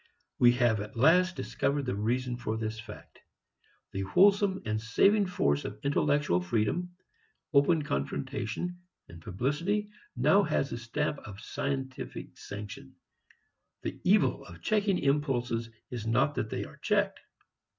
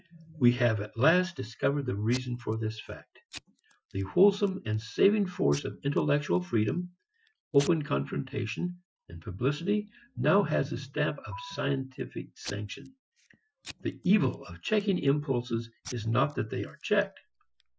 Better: first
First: none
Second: noise reduction (classical method Wiener filter)

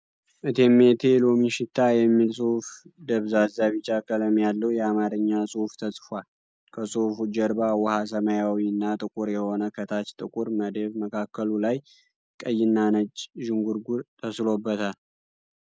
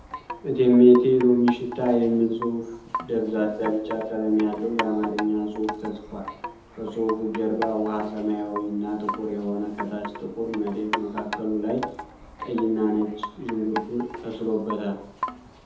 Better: first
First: none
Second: background sound (Wind chime); 11 dB below the speech // room echo; dies away in 0.7 s

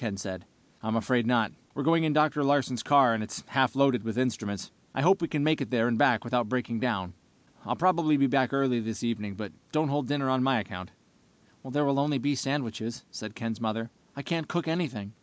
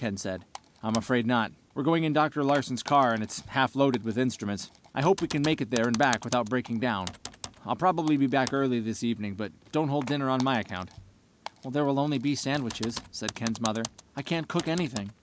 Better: first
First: none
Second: background sound (Typing); 16 dB below the speech

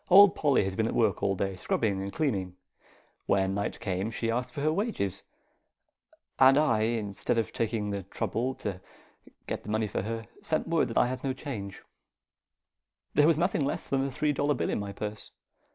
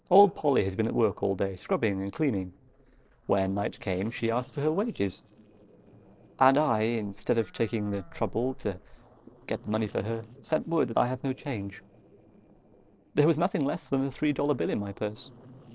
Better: first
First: none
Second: noise reduction (neural separator model SepFormer DNS4)

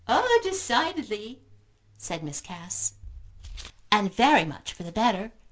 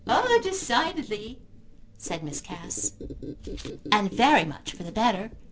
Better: first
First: none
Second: background sound (Squeak); 13 dB below the speech

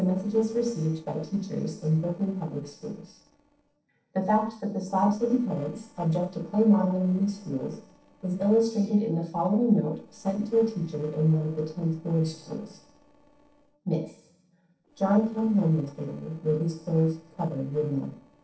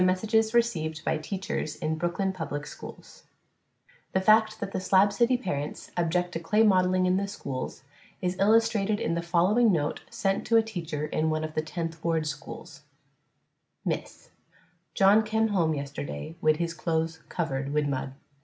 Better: second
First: noise reduction (neural separator model SepFormer DNS4)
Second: none

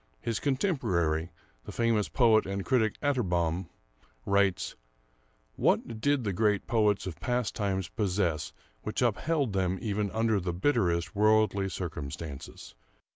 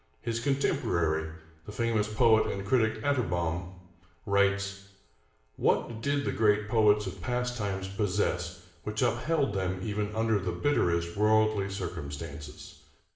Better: first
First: none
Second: room echo; dies away in 0.7 s

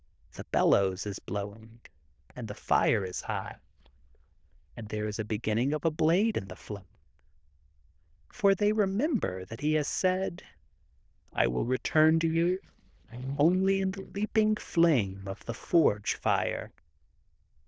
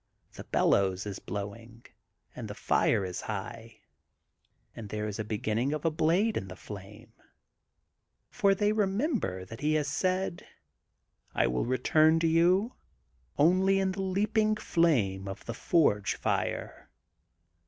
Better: second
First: noise reduction (neural diffusion model UNIVERSE++)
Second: none

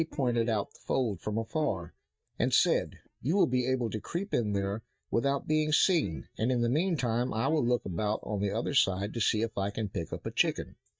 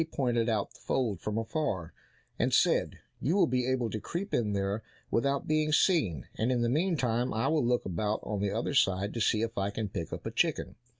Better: second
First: noise reduction (neural mask model DeepFilterNet 3)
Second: none

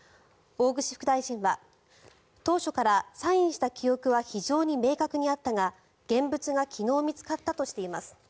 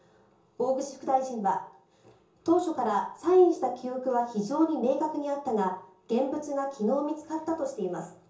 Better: first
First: none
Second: room echo; dies away in 0.6 s

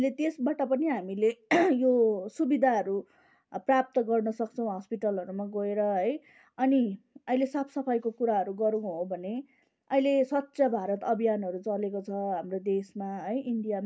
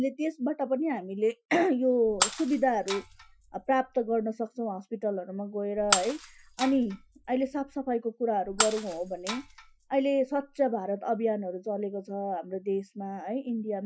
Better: first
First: none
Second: noise reduction (classical method Wiener filter)

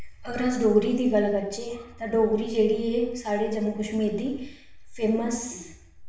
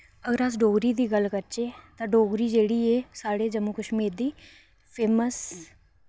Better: second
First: room echo; dies away in 0.7 s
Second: none

